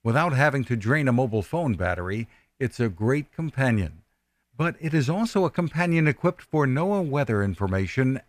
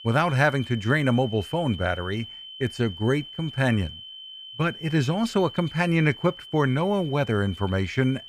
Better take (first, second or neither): first